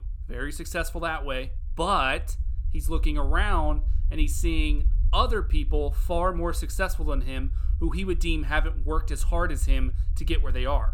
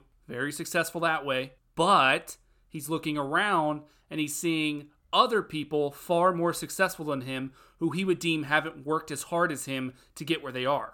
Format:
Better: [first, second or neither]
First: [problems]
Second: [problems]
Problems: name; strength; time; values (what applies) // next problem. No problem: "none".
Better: second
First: low rumble; faint; throughout; 25 dB below the speech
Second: none